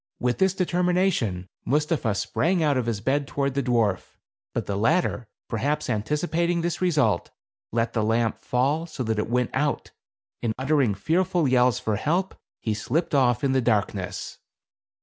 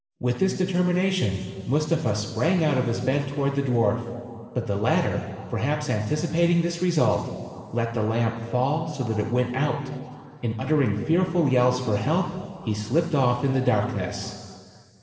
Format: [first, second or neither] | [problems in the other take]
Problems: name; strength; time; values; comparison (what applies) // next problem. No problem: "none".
first | room echo; dies away in 2.2 s